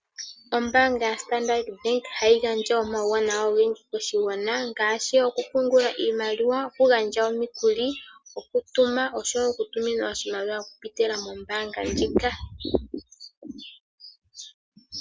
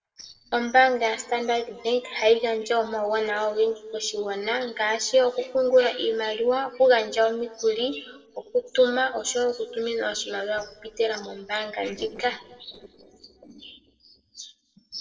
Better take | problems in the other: first | noise reduction (neural separator model SepFormer DNS4)

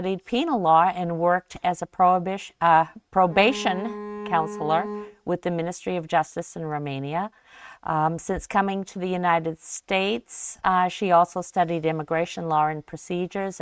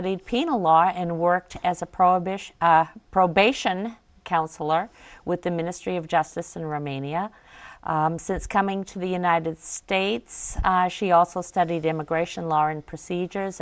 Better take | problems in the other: second | noise reduction (neural mask model RNNoise)

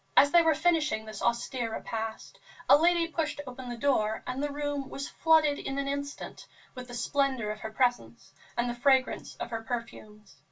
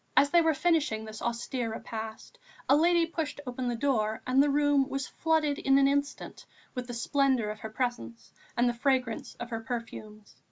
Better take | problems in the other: second | room echo; dies away in 0.1 s

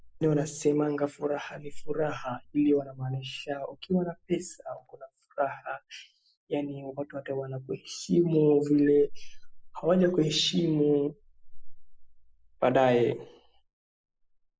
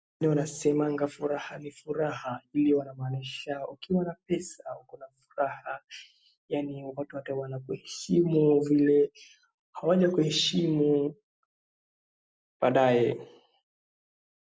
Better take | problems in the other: second | noise reduction (neural mask model Resemble Enhance denoiser)

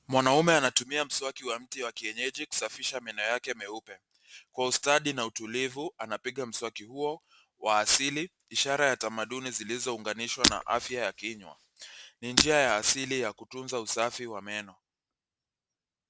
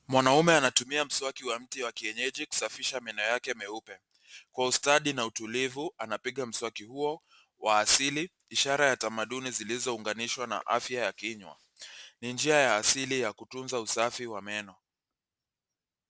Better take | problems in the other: second | background sound (Shatter); 1 dB below the speech

